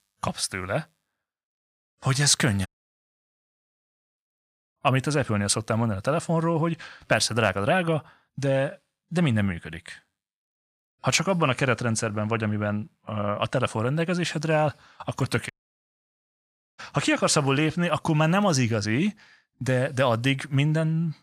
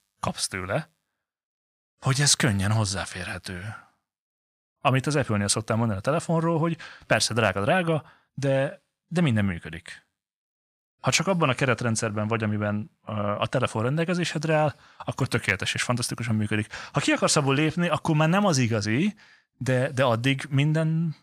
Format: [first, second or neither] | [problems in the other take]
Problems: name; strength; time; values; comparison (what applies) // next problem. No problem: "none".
second | audio cutting out; at 2.5 s for 1.5 s and at 16 s for 1.5 s